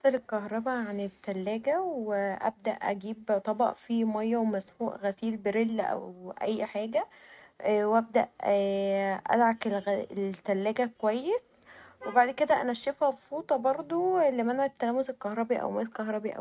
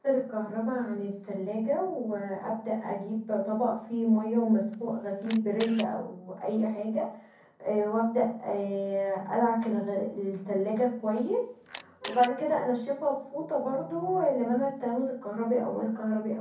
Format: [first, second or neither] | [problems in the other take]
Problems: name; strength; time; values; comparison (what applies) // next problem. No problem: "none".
first | background sound (Camera); 16 dB below the speech // room echo; dies away in 0.6 s